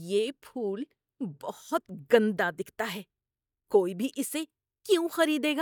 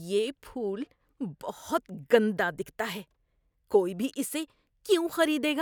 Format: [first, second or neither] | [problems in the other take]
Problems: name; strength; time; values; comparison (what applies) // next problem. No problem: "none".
second | noise reduction (neural mask model DeepFilterNet 3)